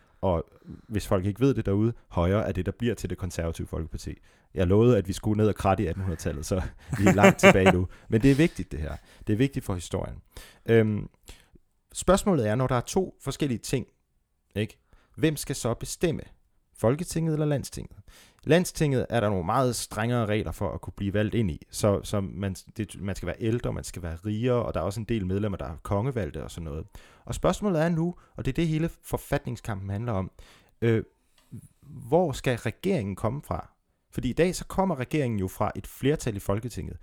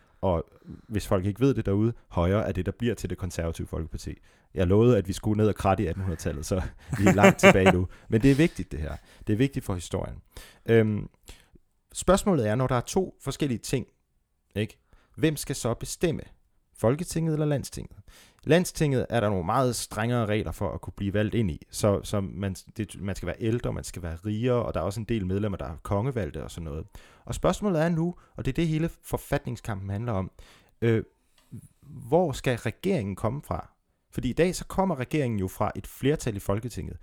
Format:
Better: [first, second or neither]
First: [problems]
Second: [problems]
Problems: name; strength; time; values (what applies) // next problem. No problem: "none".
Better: neither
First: none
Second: none